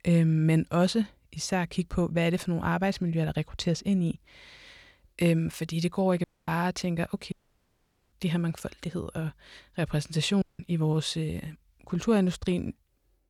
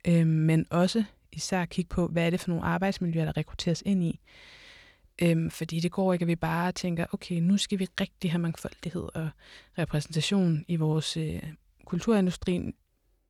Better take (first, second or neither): second